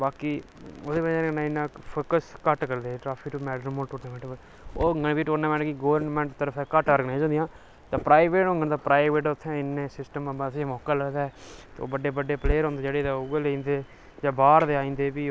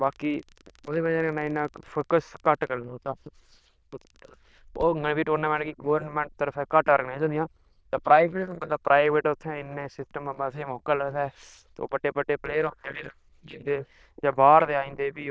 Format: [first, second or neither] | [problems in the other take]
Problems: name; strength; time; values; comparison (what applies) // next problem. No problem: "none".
first | noise reduction (neural diffusion model UNIVERSE++)